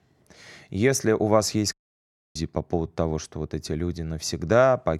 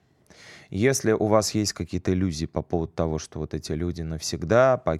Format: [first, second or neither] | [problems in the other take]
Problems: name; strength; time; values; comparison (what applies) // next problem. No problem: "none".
second | audio cutting out; at 1.5 s for 0.5 s